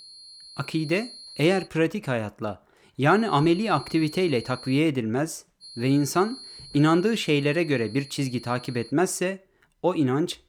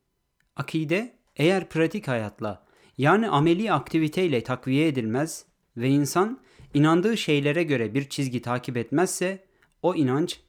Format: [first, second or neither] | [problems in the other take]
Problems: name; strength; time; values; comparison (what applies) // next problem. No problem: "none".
second | high-pitched whine; noticeable; until 1.5 s, from 3 to 5 s and from 5.5 to 9 s; 4 kHz, 15 dB below the speech